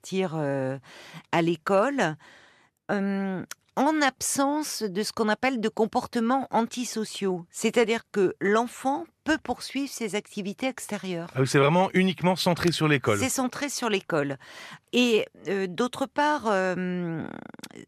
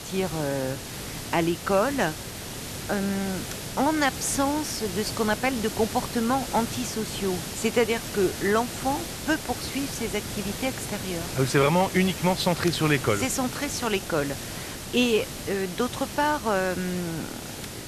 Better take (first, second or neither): first